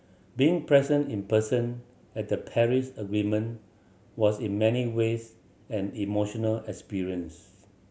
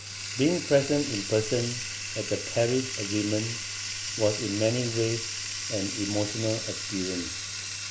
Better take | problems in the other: first | background sound (Bathtub (filling or washing)); 5 dB below the speech

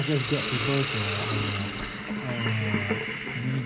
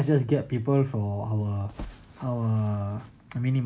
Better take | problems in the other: second | background sound (Hiss); 1 dB below the speech

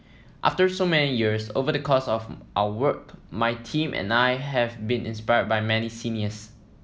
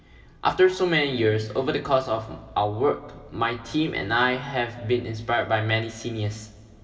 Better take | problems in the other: first | room echo; dies away in 2.6 s

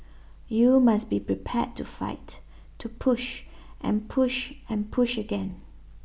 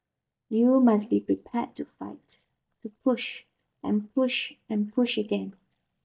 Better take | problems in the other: first | noise reduction (neural mask model DeepFilterNet 3)

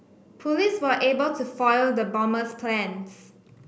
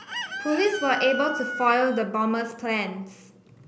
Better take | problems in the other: first | background sound (Chicken, rooster); 9 dB below the speech

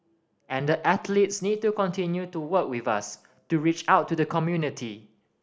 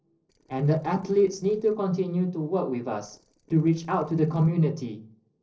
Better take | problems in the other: first | noise reduction (neural separator model SepFormer DNS4)

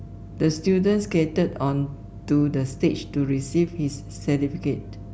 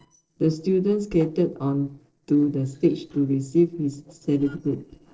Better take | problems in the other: first | noise reduction (neural separator model SepFormer DNS4)

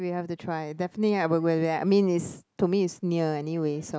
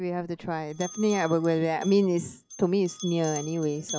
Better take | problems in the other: first | noise reduction (classical method log-MMSE)

